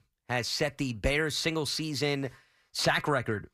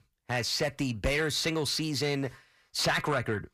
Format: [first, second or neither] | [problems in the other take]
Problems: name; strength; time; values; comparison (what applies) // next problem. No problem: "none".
first | distortion; slight; 10 dB below the speech